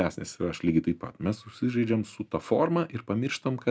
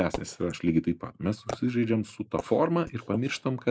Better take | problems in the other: first | noise reduction (neural mask model Resemble Enhance denoiser)

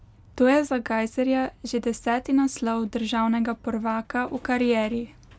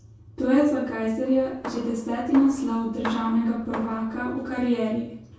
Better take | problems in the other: first | background sound (Hammer); 14 dB below the speech // room echo; dies away in 0.6 s

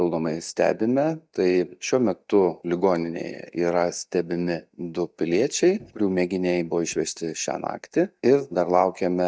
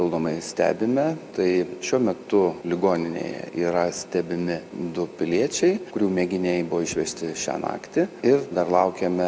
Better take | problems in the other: second | noise reduction (neural mask model DeepFilterNet 3)

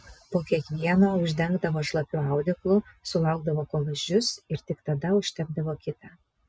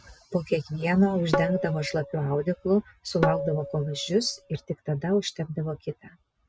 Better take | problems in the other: first | background sound (Tabla); 5 dB below the speech

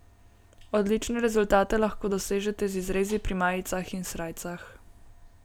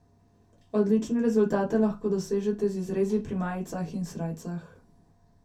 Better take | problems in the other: first | room echo; dies away in 0.3 s

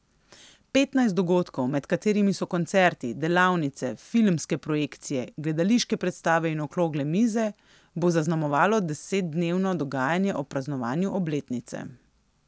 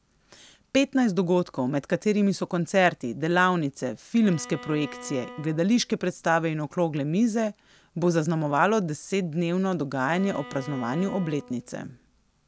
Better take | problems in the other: first | background sound (Bowed string instrument); 18 dB below the speech

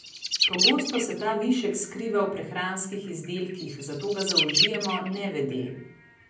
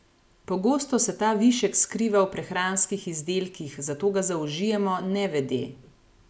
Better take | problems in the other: second | background sound (Bird); 1 dB below the speech // room echo; dies away in 0.6 s

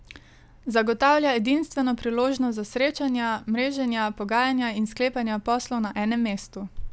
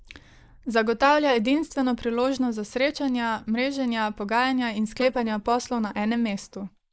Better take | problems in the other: first | noise reduction (neural mask model Resemble Enhance denoiser)

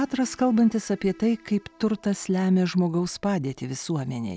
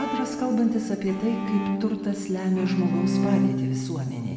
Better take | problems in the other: first | background sound (Bowed string instrument); 1 dB below the speech // room echo; dies away in 1.9 s

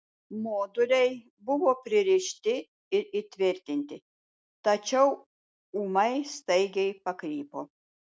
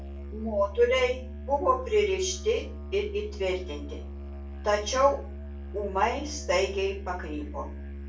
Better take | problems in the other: first | background sound (Musical instrument); 9 dB below the speech // room echo; dies away in 0.3 s

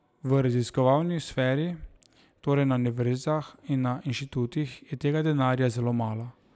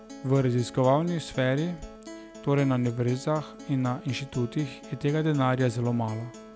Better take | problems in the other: first | background sound (Acoustic guitar); 17 dB below the speech

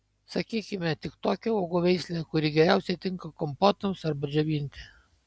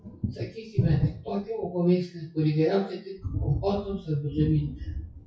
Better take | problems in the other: first | noise reduction (classical method WPE with log-MMSE)

